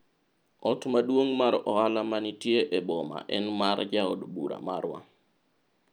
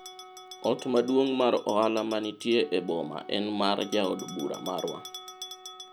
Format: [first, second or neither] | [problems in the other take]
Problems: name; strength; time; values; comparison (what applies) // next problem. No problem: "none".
first | background sound (Wind instrument, woodwind instrument + Bell); 16 dB below the speech